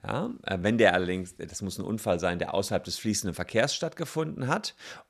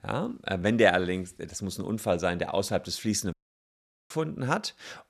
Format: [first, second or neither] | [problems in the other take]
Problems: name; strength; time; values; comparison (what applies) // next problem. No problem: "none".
first | audio cutting out; at 3.5 s for 1 s